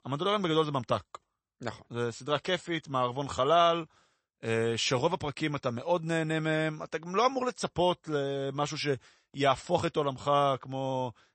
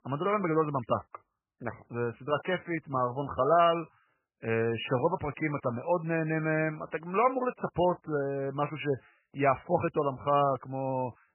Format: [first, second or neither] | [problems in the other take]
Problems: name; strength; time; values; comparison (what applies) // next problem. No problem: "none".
first | garbled, watery; badly; nothing above 2.5 kHz; slightly in the first